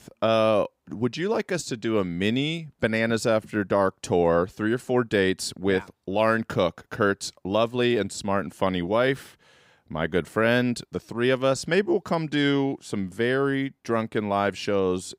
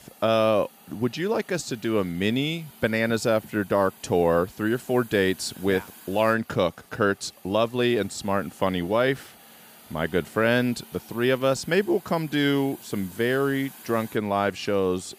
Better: first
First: none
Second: hiss; faint; throughout; 20 dB below the speech

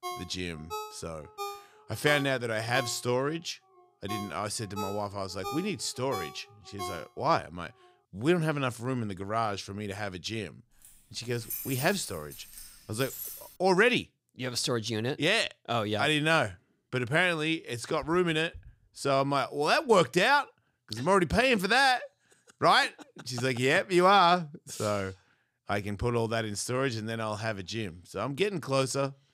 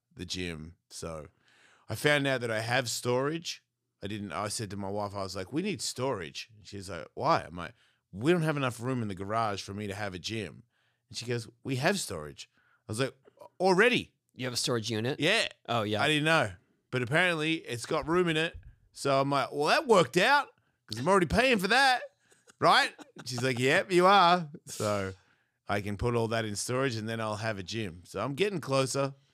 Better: second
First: phone ringing; faint; until 7.5 s; peak 10 dB below the speech // jangling keys; noticeable; from 11 to 13 s; peak 6 dB below the speech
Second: none

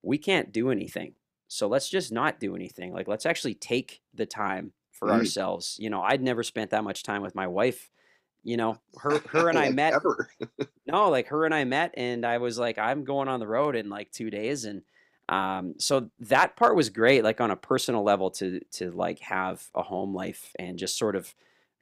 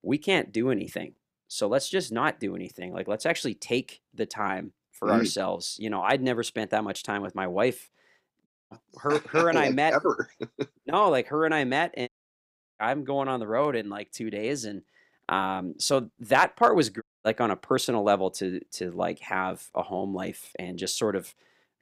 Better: first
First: none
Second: audio cutting out; at 8.5 s, at 12 s for 0.5 s and at 17 s

